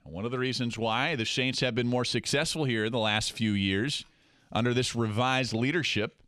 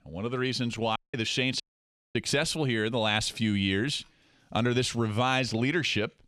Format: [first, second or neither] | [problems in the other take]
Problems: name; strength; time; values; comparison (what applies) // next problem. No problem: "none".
first | audio cutting out; at 1 s and at 1.5 s for 0.5 s